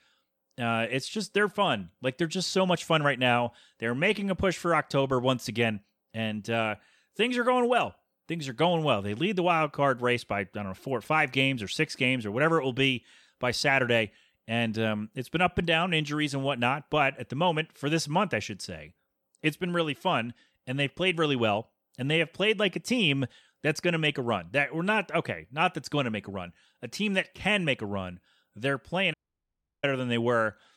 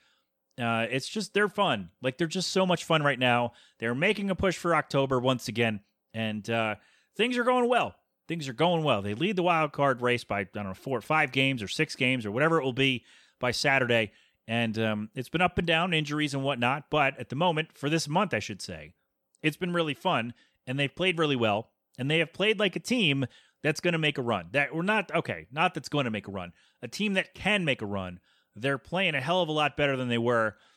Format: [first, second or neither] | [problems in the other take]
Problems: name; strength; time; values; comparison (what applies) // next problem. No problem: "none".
second | audio cutting out; at 29 s for 0.5 s